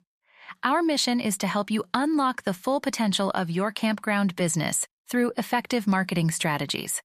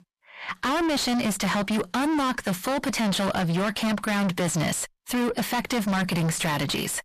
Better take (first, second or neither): first